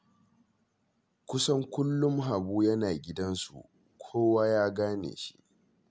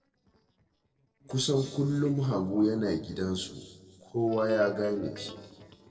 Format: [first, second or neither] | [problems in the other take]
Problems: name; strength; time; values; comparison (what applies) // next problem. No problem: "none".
first | noise reduction (neural separator model SepFormer DNS4)